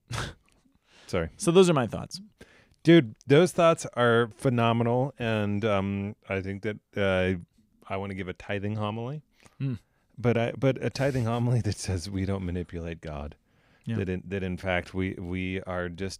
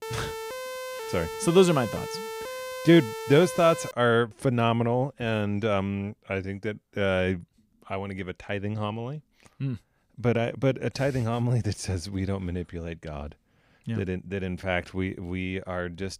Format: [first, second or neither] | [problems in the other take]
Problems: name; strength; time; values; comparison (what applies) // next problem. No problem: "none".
first | siren; noticeable; until 4 s; peak 8 dB below the speech